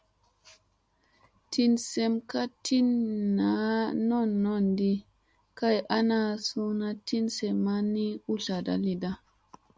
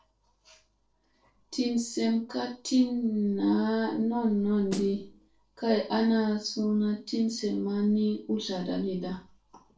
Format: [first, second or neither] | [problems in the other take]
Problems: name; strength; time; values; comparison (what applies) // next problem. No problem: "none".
first | noise reduction (neural separator model SepFormer DNS4)